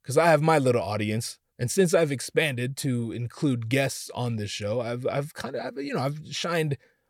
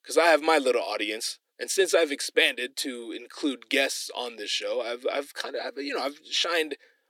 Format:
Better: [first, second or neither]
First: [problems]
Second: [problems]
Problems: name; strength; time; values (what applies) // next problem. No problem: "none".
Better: first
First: none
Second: thin; somewhat; fading below 300 Hz